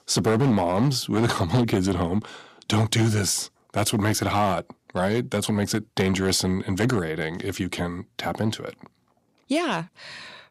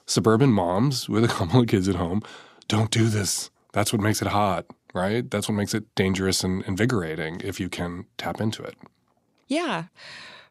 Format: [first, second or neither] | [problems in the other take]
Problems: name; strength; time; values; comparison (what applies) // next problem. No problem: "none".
second | distortion; slight; 4% of the sound clipped